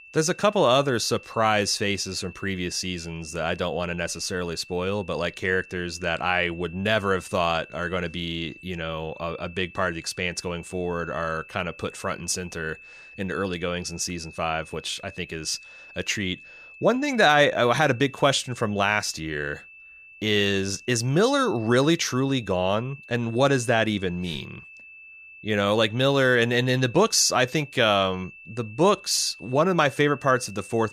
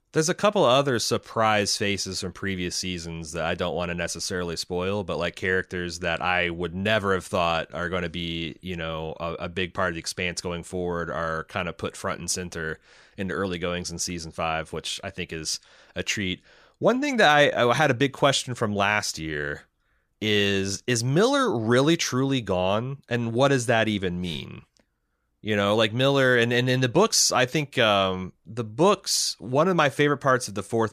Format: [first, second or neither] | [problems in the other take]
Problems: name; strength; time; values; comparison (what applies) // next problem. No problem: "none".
second | high-pitched whine; noticeable; throughout; 2.5 kHz, 20 dB below the speech